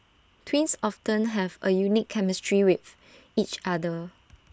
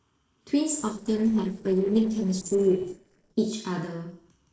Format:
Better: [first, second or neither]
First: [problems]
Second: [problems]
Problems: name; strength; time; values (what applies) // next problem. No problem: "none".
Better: first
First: none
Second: noise reduction (neural separator model SepFormer DNS4)